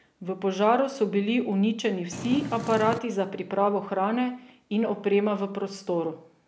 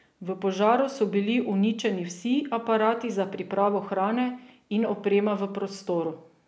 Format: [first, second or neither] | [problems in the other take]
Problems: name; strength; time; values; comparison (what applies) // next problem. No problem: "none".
second | background sound (Purr); 8 dB below the speech